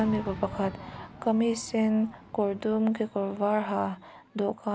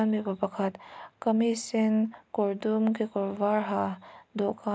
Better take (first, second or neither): second